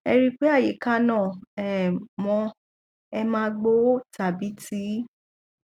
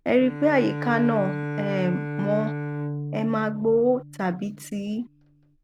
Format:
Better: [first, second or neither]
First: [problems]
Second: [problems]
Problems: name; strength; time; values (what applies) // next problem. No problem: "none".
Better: first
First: none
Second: background sound (Bowed string instrument); 7 dB below the speech